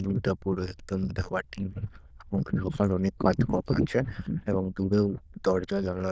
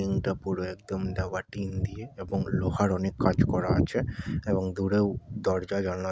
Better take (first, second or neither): second